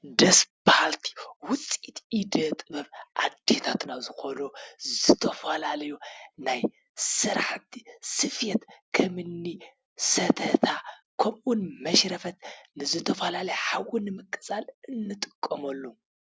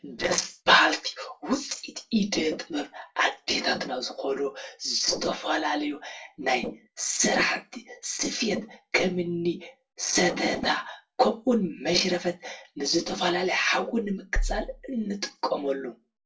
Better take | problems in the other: first | noise reduction (neural separator model SepFormer DNS4)

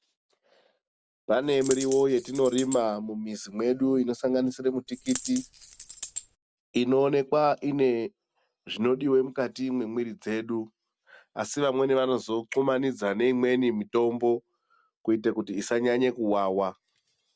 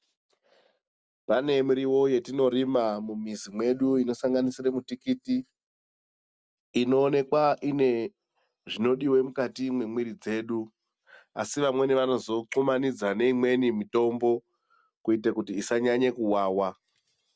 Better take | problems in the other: second | background sound (Coin (dropping)); 12 dB below the speech

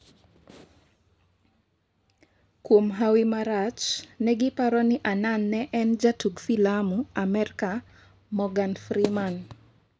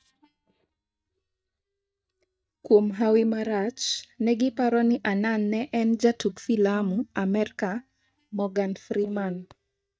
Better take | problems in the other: first | noise reduction (neural mask model DeepFilterNet 3)

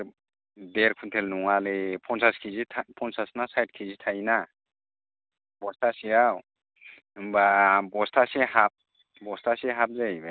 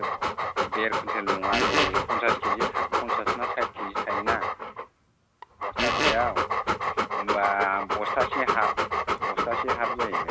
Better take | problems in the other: first | background sound (Dog + Fart); 5 dB above the speech

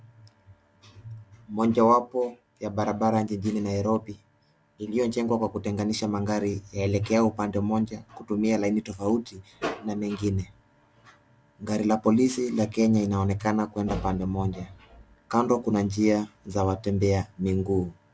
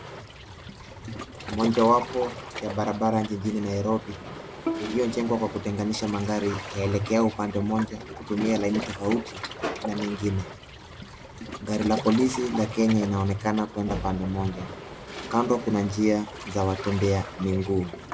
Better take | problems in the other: first | background sound (Waves, surf + Bowed string instrument); 11 dB below the speech

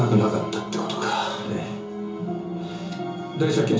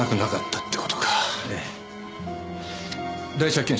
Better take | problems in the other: second | room echo; dies away in 0.6 s

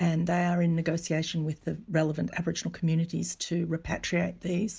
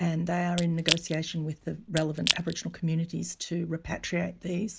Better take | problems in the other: first | background sound (Crack / Crushing); 4 dB below the speech

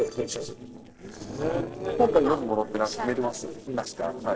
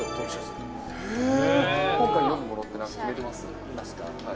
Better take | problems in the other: second | noise reduction (neural separator model SepFormer DNS4)

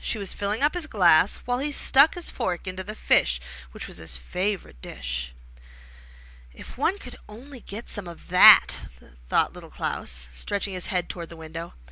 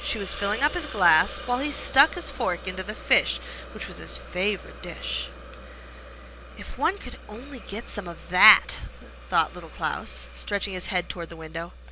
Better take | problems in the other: first | background sound (Hiss); 15 dB below the speech

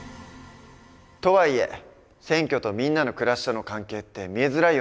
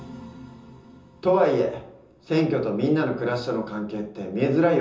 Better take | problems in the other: first | room echo; dies away in 0.6 s

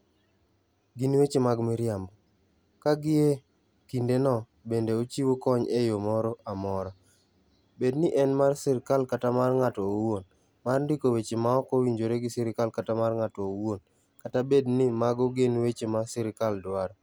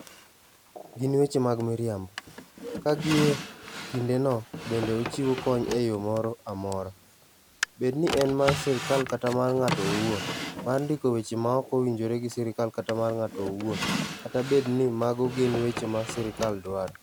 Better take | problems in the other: first | background sound (Drawer open or close); 9 dB below the speech

